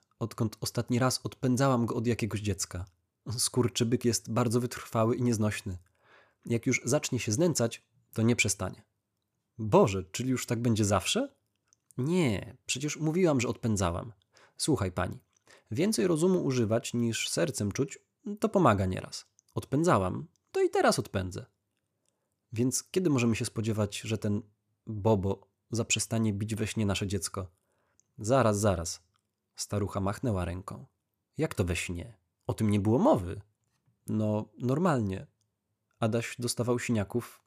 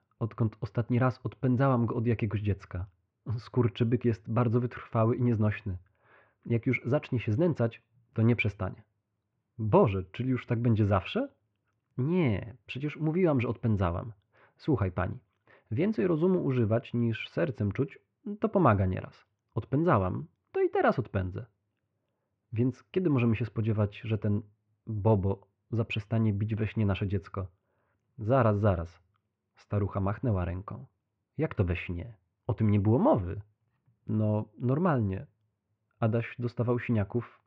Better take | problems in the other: first | muffled; very; fading above 2.5 kHz

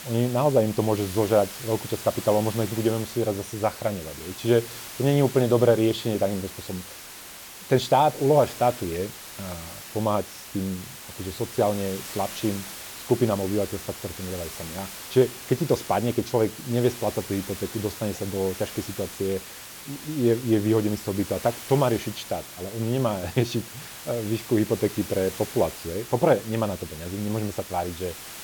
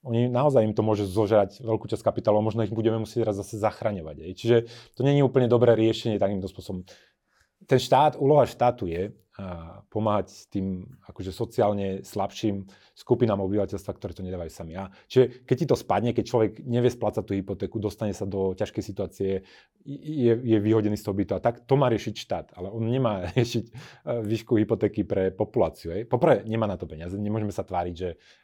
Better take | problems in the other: second | hiss; noticeable; throughout; 10 dB below the speech

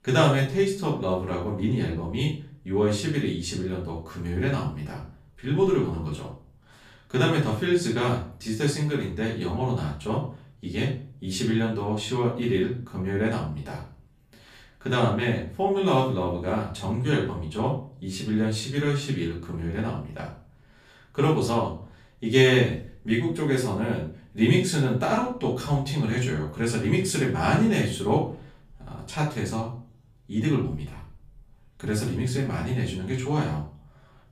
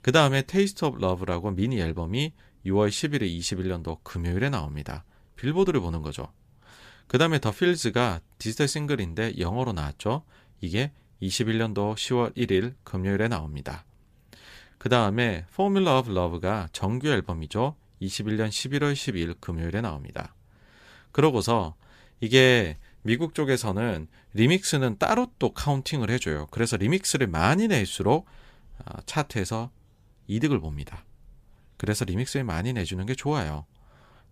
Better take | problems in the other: second | off-mic speech; far // room echo; slight; dies away in 0.4 s

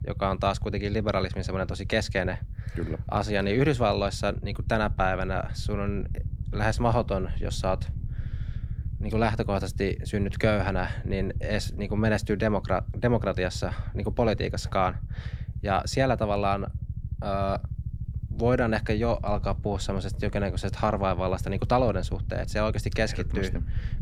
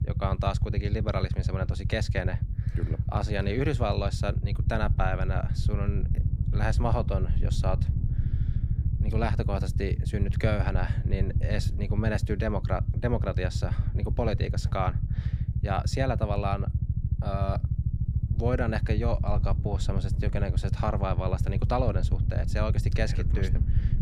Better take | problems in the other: first | low rumble; loud; throughout; 10 dB below the speech; faint in the first

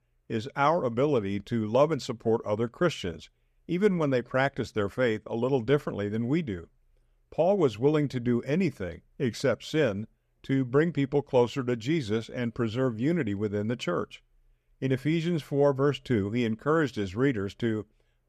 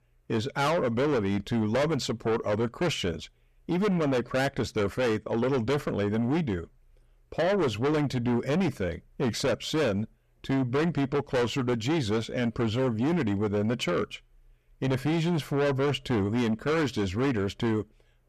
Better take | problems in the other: first | distortion; heavy; 6 dB below the speech

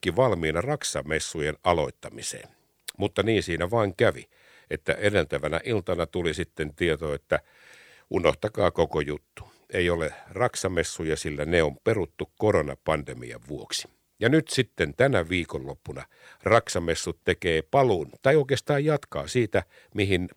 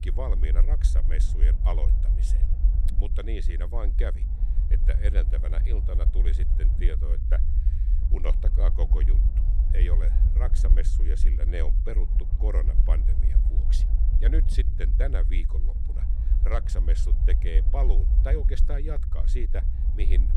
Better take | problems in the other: first | low rumble; loud; throughout; 6 dB below the speech

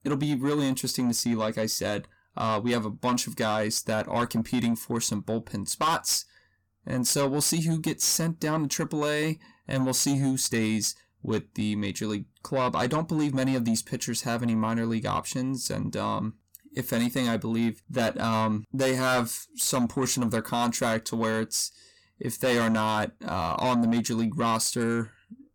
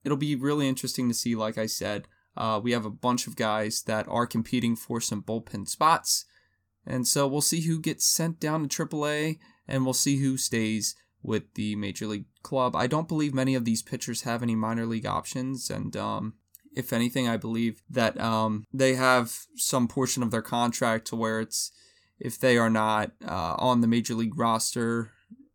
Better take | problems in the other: second | distortion; slight; 10 dB below the speech

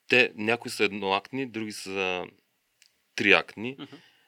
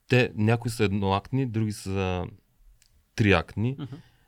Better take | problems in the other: second | thin; somewhat; fading below 350 Hz

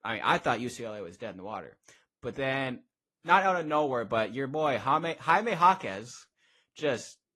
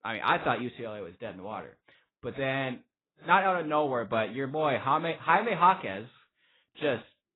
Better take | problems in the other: first | garbled, watery; badly; nothing above 4 kHz; slightly in the first

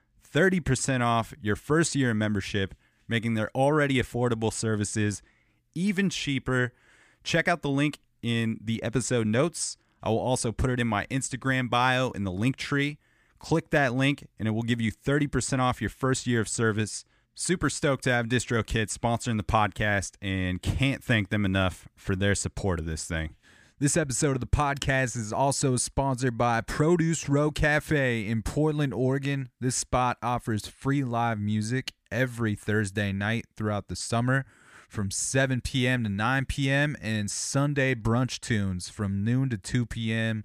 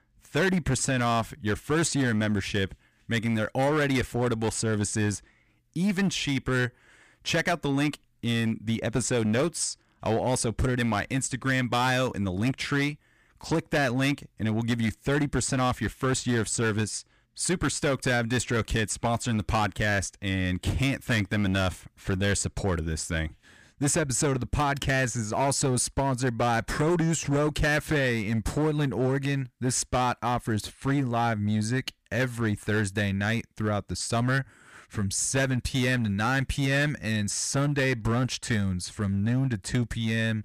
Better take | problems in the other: first | distortion; slight; 10% of the sound clipped

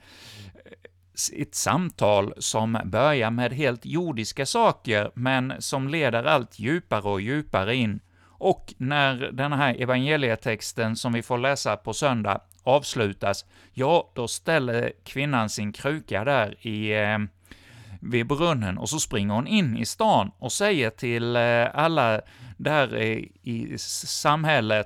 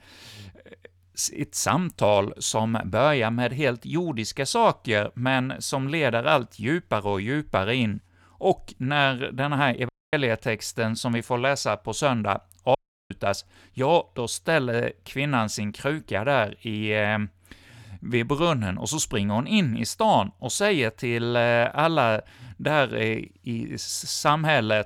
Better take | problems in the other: first | audio cutting out; at 10 s and at 13 s

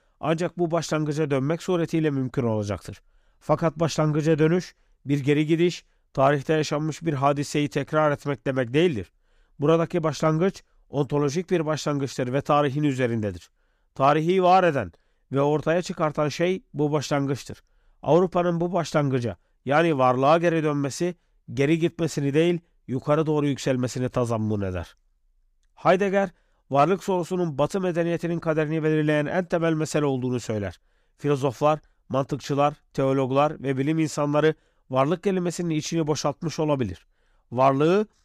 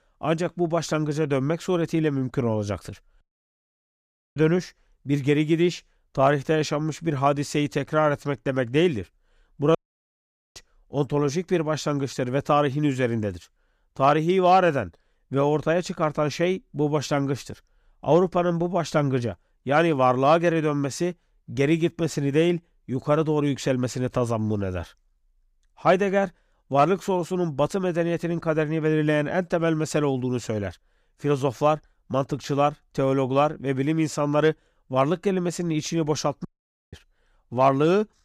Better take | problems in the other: first | audio cutting out; at 3 s for 1 s, at 10 s for 1 s and at 36 s

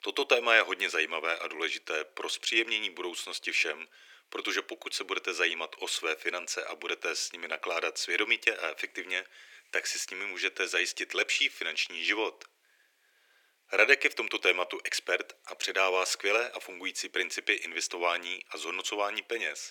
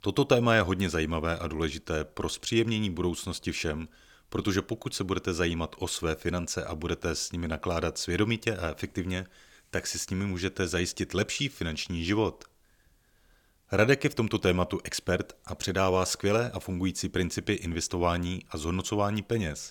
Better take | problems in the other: second | thin; very; fading below 350 Hz

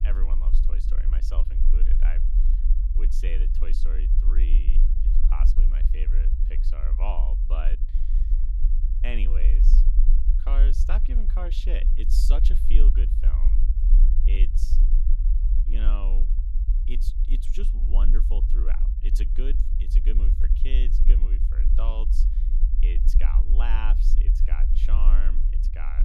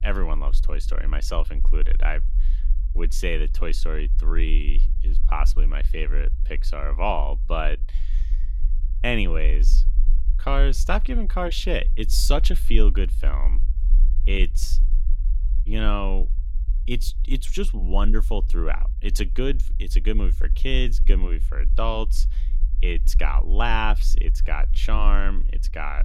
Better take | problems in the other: second | low rumble; loud; throughout; 6 dB below the speech; faint in the second

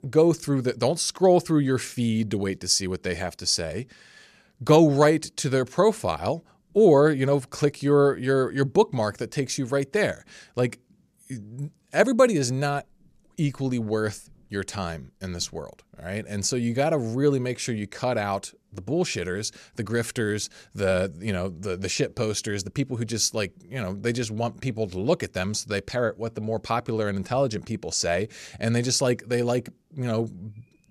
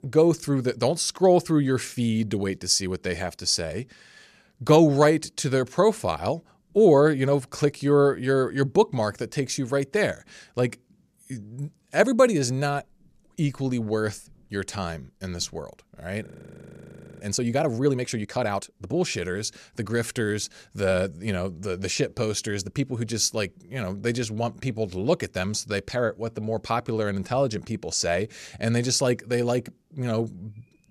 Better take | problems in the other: first | audio freezing; at 16 s for 1 s

